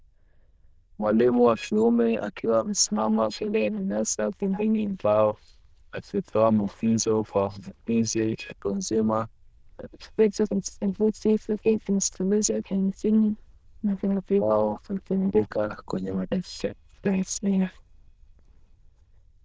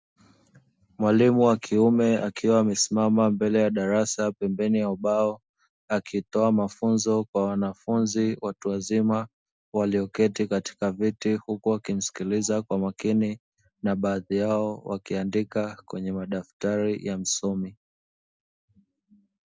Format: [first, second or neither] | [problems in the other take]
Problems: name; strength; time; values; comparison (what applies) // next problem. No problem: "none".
second | noise reduction (neural diffusion model UNIVERSE++)